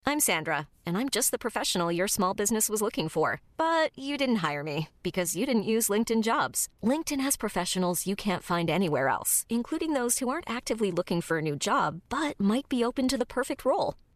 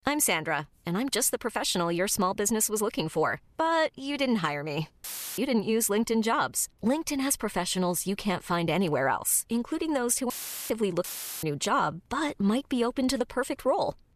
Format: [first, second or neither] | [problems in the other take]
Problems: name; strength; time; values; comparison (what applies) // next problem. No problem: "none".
first | audio cutting out; filled with static; at 5 s, at 10 s and at 11 s